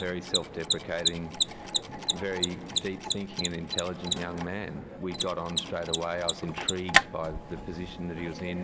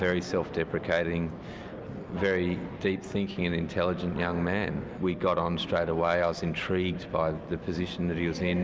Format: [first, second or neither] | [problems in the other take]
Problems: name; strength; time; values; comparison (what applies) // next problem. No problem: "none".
second | background sound (Mechanisms); 2 dB above the speech